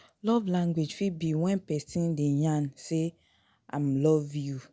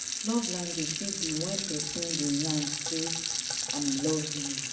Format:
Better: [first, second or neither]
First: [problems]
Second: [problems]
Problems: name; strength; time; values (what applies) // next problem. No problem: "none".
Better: first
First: none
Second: background sound (Sink (filling or washing) / Water tap, faucet); as loud as the speech // room echo; dies away in 0.6 s